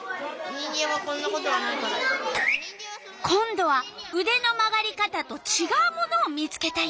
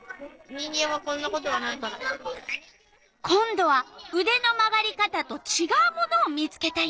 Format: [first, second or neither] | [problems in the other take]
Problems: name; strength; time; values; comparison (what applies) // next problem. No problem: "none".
first | noise reduction (neural separator model SepFormer DNS4)